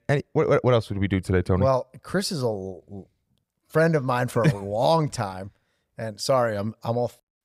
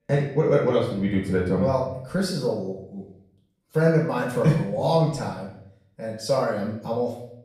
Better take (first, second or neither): first